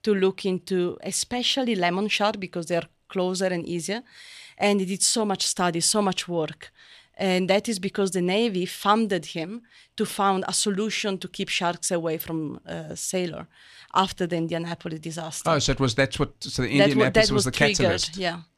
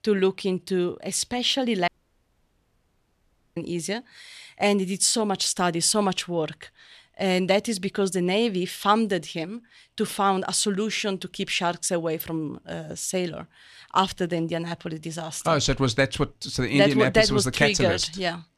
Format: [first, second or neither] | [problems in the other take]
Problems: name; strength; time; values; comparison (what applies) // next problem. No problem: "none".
first | audio cutting out; at 2 s for 1.5 s